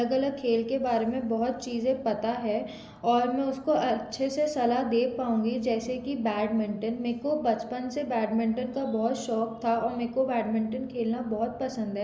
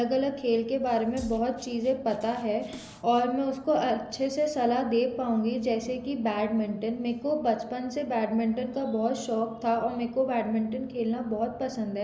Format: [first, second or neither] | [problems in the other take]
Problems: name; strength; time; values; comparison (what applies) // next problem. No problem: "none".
first | background sound (Drum kit); 20 dB below the speech